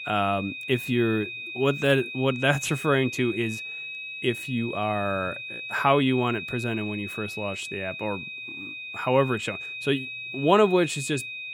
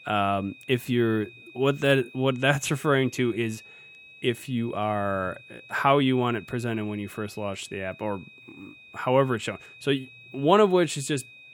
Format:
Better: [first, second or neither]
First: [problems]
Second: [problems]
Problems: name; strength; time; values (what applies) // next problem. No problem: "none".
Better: second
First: high-pitched whine; loud; throughout; 2.5 kHz, 8 dB below the speech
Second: high-pitched whine; faint; throughout; 2.5 kHz, 20 dB below the speech